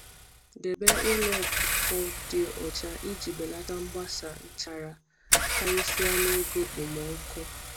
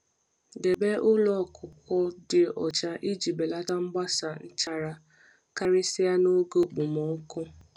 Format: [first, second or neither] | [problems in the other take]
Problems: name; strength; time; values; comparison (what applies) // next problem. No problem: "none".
second | background sound (Engine / Car); 2 dB above the speech